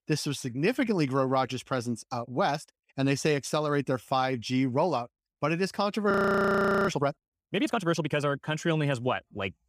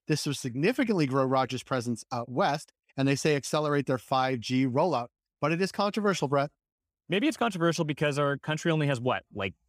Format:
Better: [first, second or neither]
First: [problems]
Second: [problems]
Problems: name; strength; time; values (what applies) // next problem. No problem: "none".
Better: second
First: audio freezing; at 6 s for 1 s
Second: none